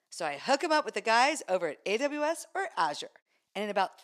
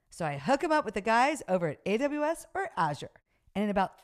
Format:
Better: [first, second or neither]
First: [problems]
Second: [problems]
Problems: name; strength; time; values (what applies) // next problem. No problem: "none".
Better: second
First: thin; very slightly; fading below 300 Hz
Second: none